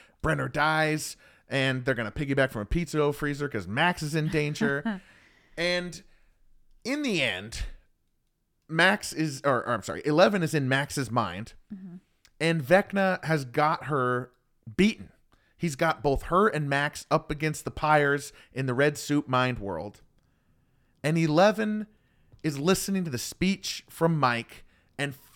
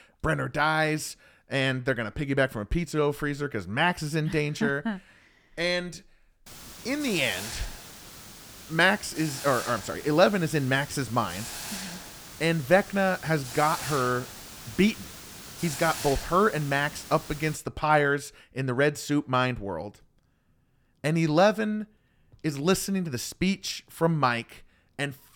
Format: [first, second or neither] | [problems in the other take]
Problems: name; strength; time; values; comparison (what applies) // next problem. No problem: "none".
first | hiss; noticeable; from 6.5 to 18 s; 10 dB below the speech